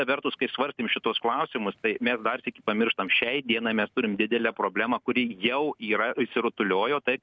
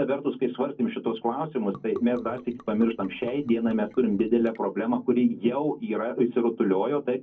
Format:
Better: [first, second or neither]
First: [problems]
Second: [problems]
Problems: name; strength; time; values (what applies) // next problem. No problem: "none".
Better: first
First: none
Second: noise reduction (neural separator model SepFormer DNS4)